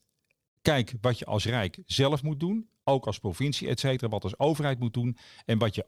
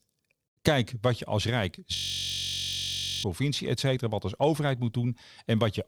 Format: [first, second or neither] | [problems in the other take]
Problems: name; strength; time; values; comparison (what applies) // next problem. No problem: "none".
first | audio freezing; at 2 s for 1.5 s